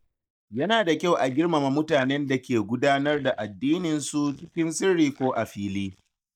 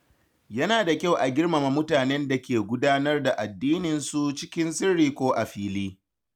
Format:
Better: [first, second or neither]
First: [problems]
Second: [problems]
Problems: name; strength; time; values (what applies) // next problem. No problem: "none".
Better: second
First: noise reduction (neural mask model DeepFilterNet 3)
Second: none